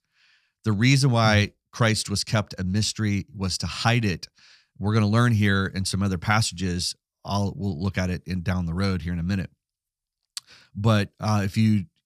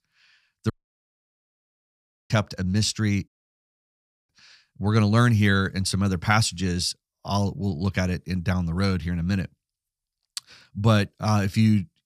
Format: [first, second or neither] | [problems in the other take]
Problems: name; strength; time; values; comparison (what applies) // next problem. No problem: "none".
first | audio cutting out; at 0.5 s for 1.5 s and at 3.5 s for 1 s